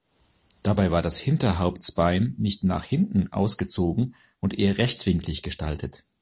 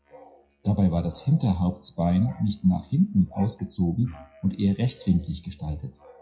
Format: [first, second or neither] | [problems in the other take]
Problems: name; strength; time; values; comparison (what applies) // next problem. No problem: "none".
first | noise reduction (classical method WPE with log-MMSE)